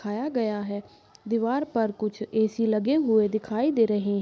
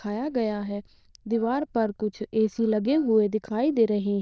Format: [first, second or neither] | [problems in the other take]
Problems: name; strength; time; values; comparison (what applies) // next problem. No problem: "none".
first | noise reduction (neural diffusion model UNIVERSE++)